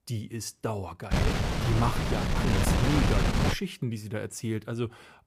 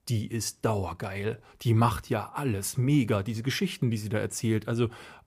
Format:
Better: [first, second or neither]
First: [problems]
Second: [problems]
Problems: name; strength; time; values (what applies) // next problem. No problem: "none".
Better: second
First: wind noise on the microphone; heavy; from 1 to 3.5 s; 5 dB above the speech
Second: none